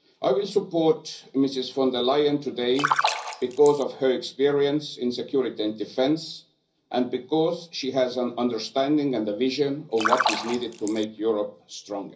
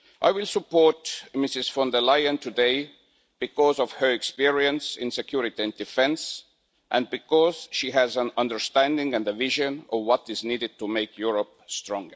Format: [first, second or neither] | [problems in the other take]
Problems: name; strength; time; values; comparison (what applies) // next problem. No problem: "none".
second | background sound (Splash, splatter); 2 dB below the speech // room echo; dies away in 0.5 s